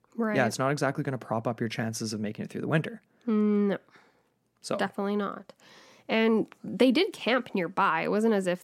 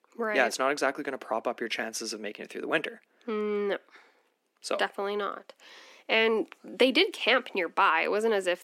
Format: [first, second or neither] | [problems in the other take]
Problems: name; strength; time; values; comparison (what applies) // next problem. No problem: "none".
first | thin; somewhat; fading below 300 Hz